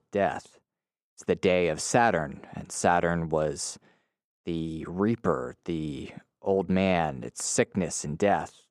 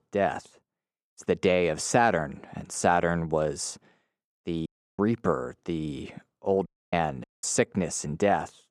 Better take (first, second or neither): first